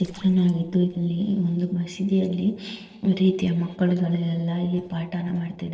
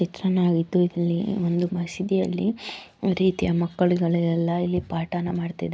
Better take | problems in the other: second | noise reduction (neural separator model SepFormer DNS4)

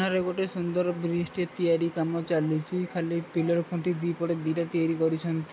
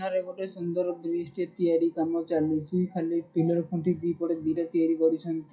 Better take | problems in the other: first | noise reduction (classical method WPE with log-MMSE)

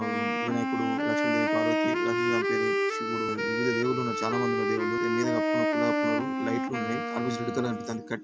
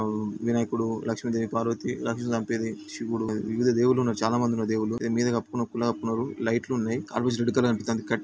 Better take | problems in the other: second | background sound (Wind instrument, woodwind instrument); 4 dB above the speech

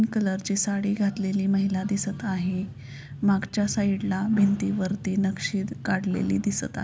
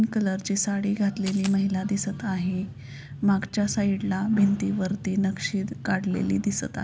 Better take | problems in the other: first | background sound (Coin (dropping)); 14 dB below the speech

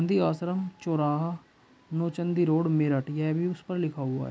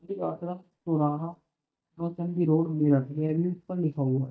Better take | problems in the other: first | noise reduction (neural mask model DeepFilterNet 3)

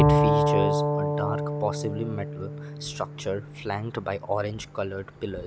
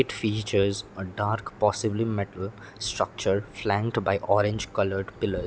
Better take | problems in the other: second | background sound (Bowed string instrument); 5 dB above the speech

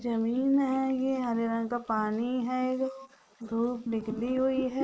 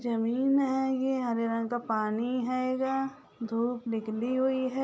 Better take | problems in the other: second | noise reduction (neural mask model Resemble Enhance denoiser)

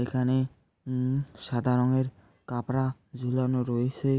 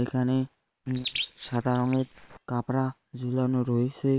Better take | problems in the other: first | noise reduction (neural separator model SepFormer WHAM!)

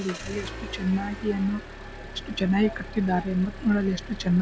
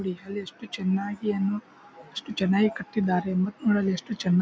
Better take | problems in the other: second | background sound (Engine); 12 dB below the speech

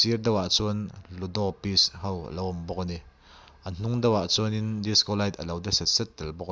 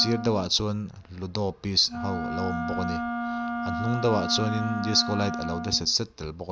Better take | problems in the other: first | background sound (Wind instrument, woodwind instrument); 5 dB below the speech

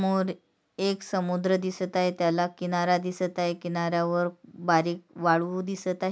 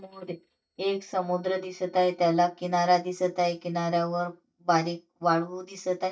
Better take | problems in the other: first | noise reduction (neural mask model DeepFilterNet 3)

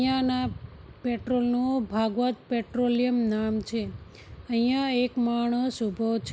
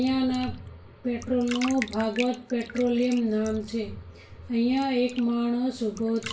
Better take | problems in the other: first | background sound (Bathtub (filling or washing)); 16 dB below the speech // room echo; dies away in 0.3 s

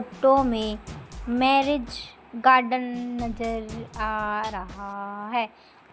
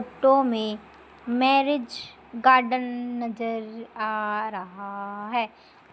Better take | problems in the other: second | background sound (Drum kit); 15 dB below the speech

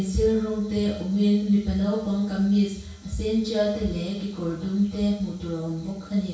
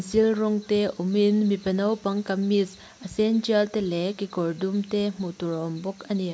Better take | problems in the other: second | room echo; dies away in 0.6 s

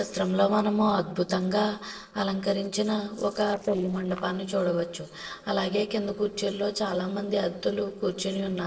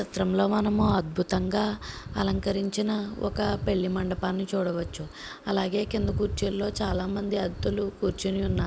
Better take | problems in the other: second | noise reduction (neural separator model SepFormer DNS4)

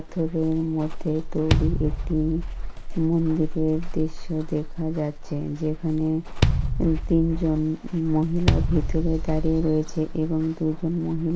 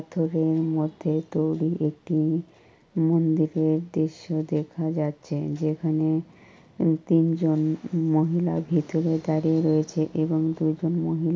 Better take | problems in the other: second | background sound (Walk, footsteps + Bass drum); 2 dB below the speech

